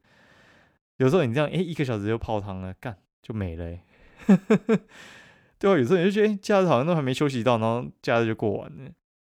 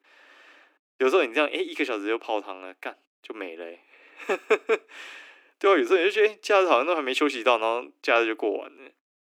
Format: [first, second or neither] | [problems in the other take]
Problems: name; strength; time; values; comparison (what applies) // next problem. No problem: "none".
first | thin; very; fading below 300 Hz